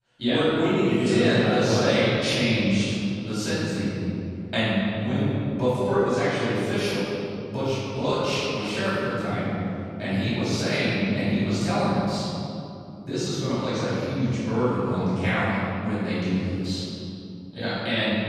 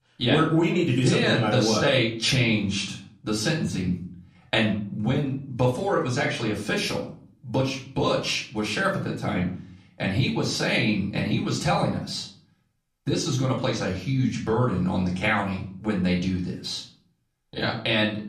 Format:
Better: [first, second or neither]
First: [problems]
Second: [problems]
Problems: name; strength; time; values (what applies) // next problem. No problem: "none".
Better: second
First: room echo; strong; dies away in 2.8 s // off-mic speech; far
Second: room echo; slight; dies away in 0.5 s // off-mic speech; far